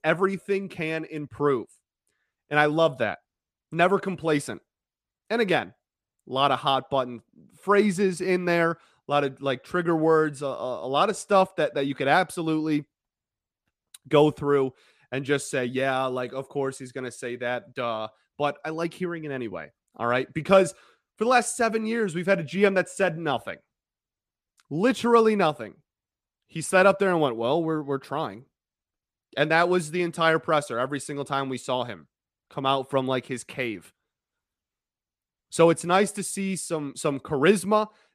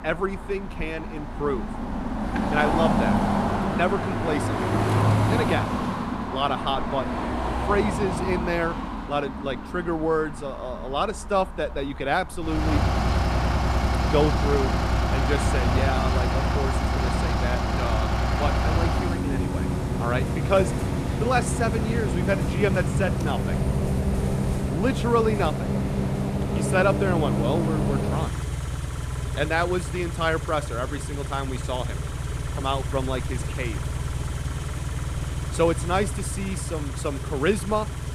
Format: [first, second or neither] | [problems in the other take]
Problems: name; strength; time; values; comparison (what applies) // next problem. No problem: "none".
first | traffic noise; very loud; throughout; 1 dB above the speech